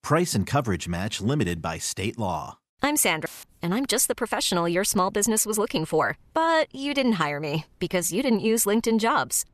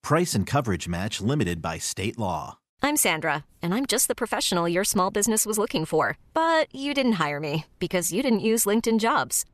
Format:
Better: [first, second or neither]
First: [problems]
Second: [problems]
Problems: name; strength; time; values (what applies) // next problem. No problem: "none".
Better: second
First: audio cutting out; filled with static; at 3.5 s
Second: none